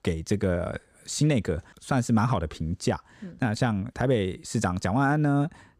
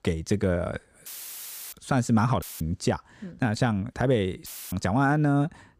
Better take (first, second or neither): first